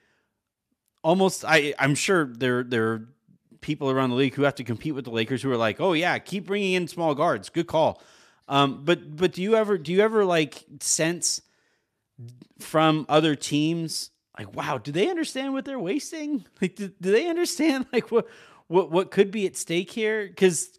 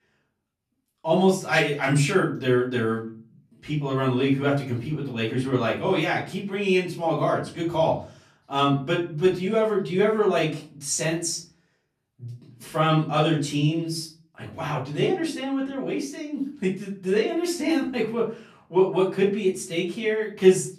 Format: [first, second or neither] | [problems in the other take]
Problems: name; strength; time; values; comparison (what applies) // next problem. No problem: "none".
first | off-mic speech; far // room echo; slight; dies away in 0.4 s